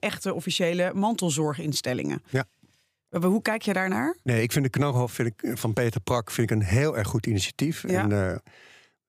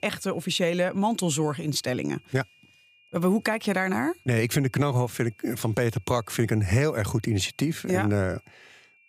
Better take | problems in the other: first | high-pitched whine; faint; throughout; 2.5 kHz, 30 dB below the speech

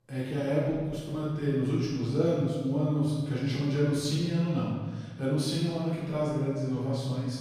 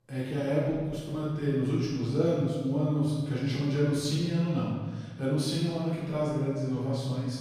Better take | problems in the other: neither | off-mic speech; far; the same in both // room echo; strong; dies away in 1.3 s; the same in both

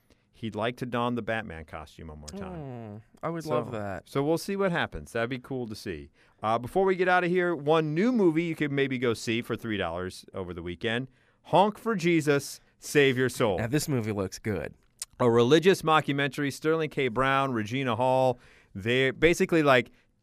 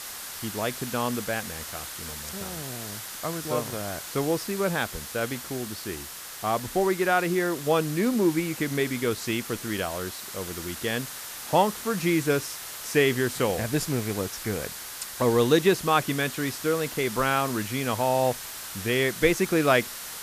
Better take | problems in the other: first | hiss; loud; throughout; 9 dB below the speech

